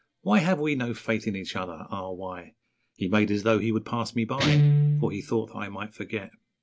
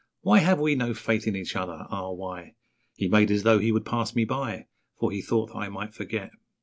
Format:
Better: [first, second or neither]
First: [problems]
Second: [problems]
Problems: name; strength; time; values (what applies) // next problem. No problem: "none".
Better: second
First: background sound (Guitar); 2 dB below the speech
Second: none